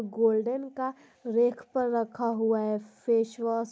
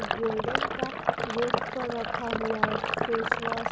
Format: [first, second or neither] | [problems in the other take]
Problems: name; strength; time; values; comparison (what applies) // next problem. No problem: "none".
first | background sound (Sink (filling or washing)); 4 dB above the speech